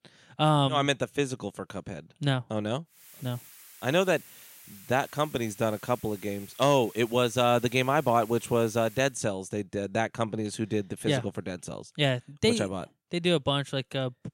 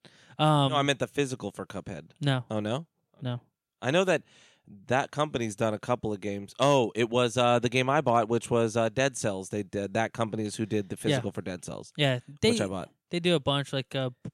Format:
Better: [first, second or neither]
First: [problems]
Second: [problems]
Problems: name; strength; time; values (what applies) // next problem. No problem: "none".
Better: second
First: hiss; noticeable; from 3 to 9 s; 20 dB below the speech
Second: none